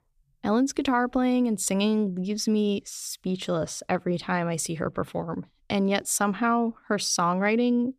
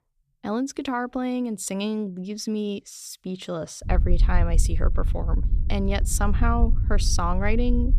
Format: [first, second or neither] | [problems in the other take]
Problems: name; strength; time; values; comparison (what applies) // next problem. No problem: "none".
first | low rumble; noticeable; from 4 s on; 15 dB below the speech